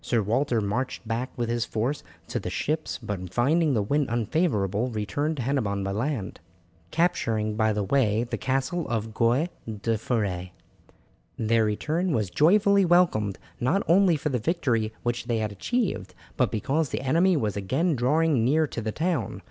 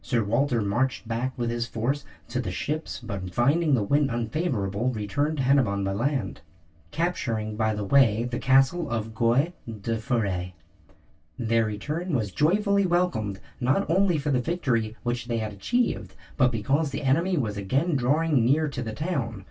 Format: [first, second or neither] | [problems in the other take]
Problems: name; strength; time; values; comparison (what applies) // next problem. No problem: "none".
first | room echo; dies away in 0.1 s